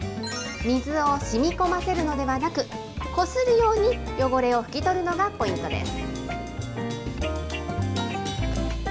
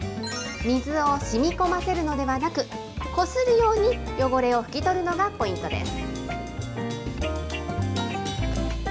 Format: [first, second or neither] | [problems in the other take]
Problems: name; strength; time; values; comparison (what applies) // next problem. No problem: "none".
second | background sound (Guitar); 17 dB below the speech